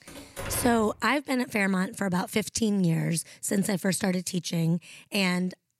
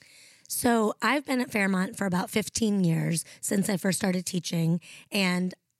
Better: second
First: door banging; noticeable; at the start; peak 8 dB below the speech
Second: none

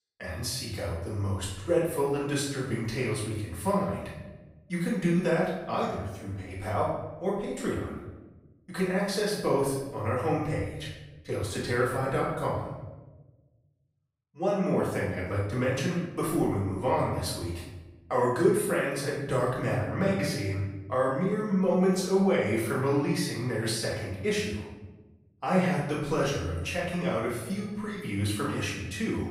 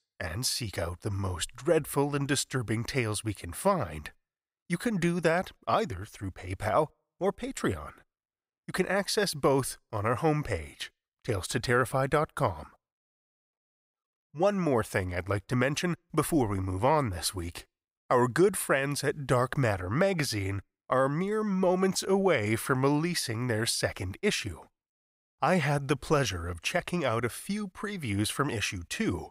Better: second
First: room echo; noticeable; dies away in 1 s // off-mic speech; far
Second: none

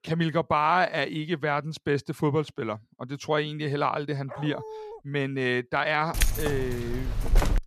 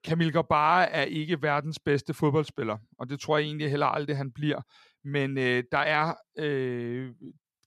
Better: second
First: dog barking; faint; at 4.5 s; peak 10 dB below the speech // jangling keys; loud; from 6 s on; peak 1 dB above the speech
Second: none

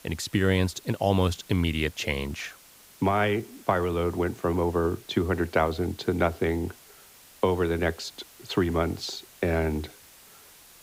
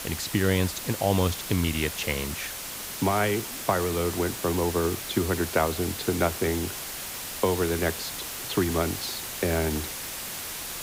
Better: first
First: hiss; faint; throughout; 25 dB below the speech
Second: hiss; loud; throughout; 5 dB below the speech

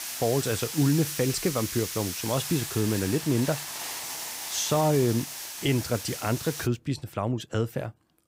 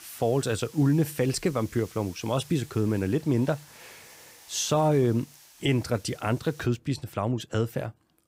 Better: second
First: hiss; loud; until 6.5 s; 6 dB below the speech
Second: hiss; faint; until 6.5 s; 20 dB below the speech

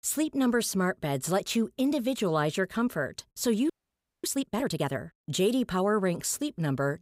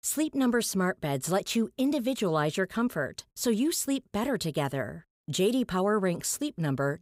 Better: second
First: audio freezing; at 3.5 s for 0.5 s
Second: none

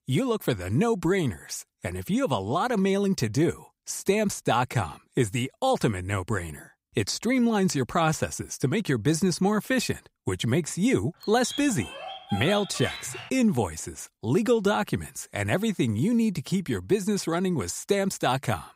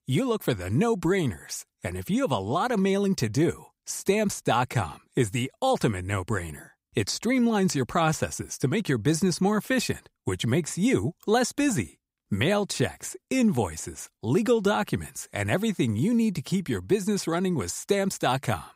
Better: second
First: dog barking; noticeable; from 11 to 13 s; peak 7 dB below the speech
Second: none

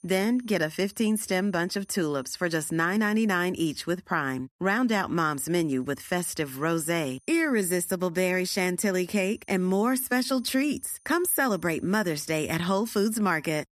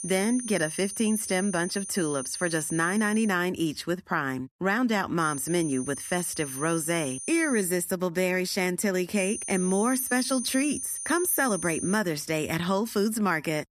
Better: first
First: high-pitched whine; faint; until 3.5 s, from 5 to 7.5 s and from 9 to 12 s; 9.5 kHz, 35 dB below the speech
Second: high-pitched whine; loud; until 3.5 s, from 5 to 7.5 s and from 9 to 12 s; 9.5 kHz, 7 dB below the speech

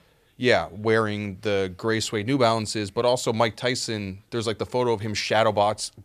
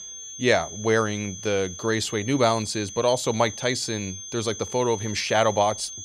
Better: first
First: none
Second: high-pitched whine; noticeable; throughout; 6.5 kHz, 10 dB below the speech

